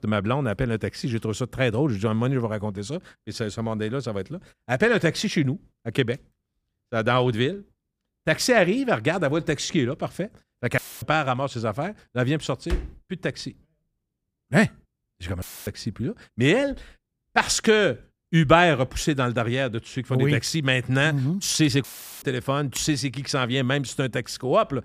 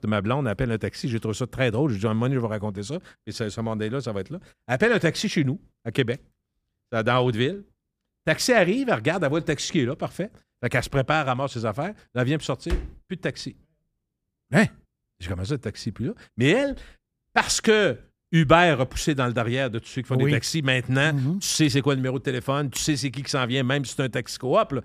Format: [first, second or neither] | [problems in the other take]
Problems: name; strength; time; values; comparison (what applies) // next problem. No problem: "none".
second | audio cutting out; filled with static; at 11 s, at 15 s and at 22 s